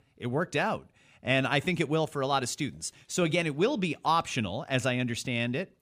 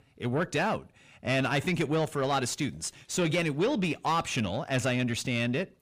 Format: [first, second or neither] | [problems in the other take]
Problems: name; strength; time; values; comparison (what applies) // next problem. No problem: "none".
first | distortion; slight; 10 dB below the speech